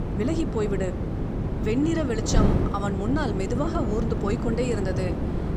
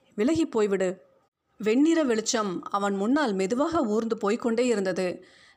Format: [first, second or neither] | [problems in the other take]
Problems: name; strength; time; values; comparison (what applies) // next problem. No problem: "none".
second | wind noise on the microphone; heavy; 4 dB below the speech